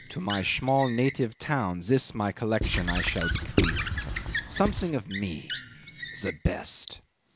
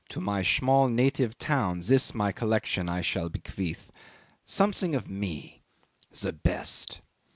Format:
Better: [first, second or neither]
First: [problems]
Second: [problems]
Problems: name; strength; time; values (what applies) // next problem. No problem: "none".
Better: second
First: background sound (Squeak / Writing); 4 dB below the speech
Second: none